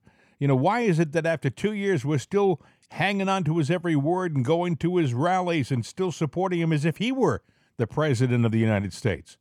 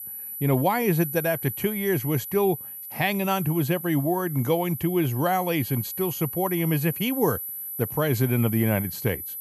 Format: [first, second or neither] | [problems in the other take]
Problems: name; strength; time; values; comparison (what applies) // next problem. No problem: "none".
first | high-pitched whine; loud; throughout; 12 kHz, 7 dB below the speech